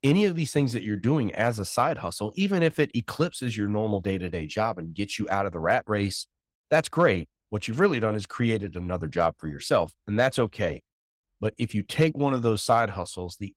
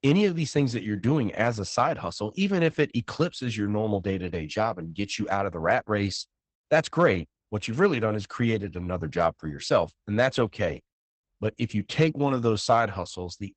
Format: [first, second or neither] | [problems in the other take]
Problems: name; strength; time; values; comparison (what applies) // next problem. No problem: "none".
first | garbled, watery; badly; nothing above 8 kHz; slightly in the first